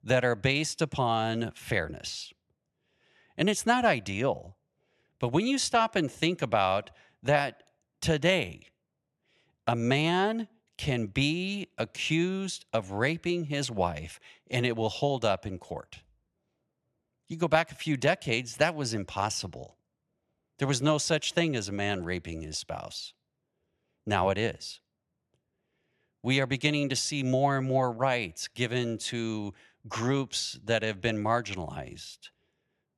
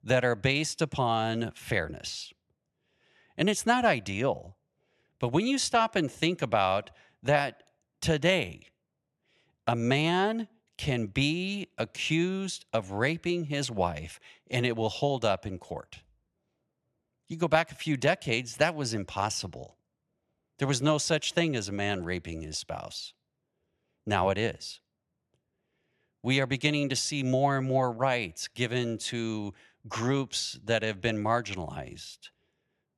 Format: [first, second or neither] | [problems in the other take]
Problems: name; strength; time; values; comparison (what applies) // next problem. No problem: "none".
neither | none